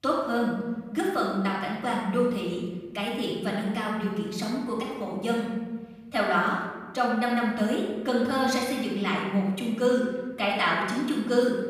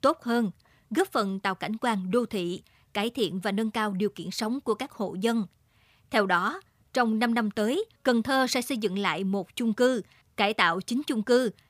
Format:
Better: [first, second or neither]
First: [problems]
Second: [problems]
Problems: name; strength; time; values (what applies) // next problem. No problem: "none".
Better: second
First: off-mic speech; far // room echo; noticeable; dies away in 1.3 s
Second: none